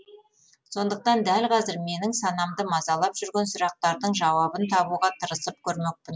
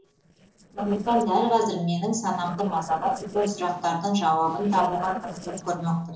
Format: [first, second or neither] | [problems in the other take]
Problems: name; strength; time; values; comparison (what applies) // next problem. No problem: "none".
first | noise reduction (neural separator model SepFormer DNS4)